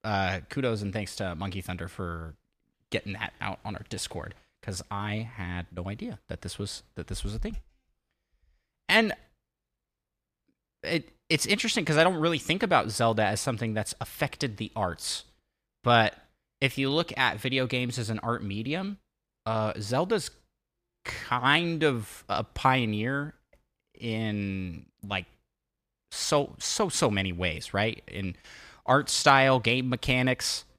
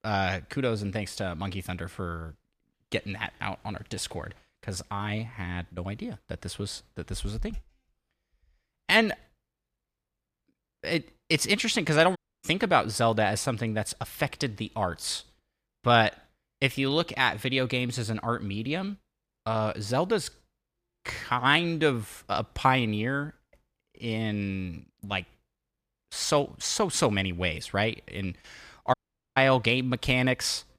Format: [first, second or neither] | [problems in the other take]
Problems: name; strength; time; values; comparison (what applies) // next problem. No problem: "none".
first | audio cutting out; at 12 s and at 29 s